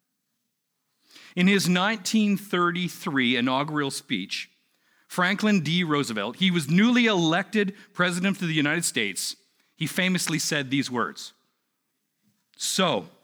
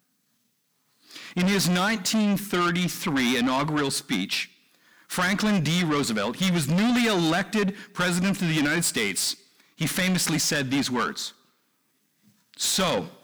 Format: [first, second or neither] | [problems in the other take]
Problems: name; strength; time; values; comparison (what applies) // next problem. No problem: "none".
first | distortion; heavy; 7 dB below the speech